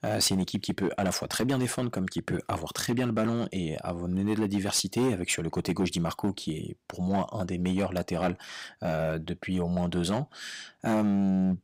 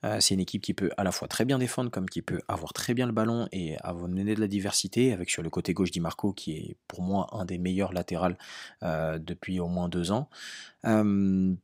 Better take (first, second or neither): second